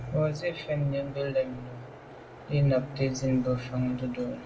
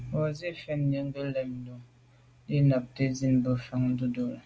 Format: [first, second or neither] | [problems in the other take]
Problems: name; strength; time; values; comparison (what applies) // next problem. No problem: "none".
second | background sound (Train); 18 dB below the speech // room echo; dies away in 1.1 s